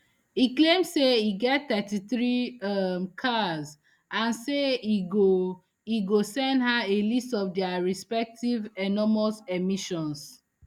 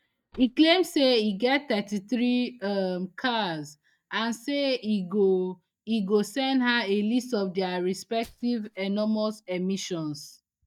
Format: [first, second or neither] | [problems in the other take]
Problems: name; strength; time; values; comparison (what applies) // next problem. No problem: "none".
first | noise reduction (neural mask model DeepFilterNet 3)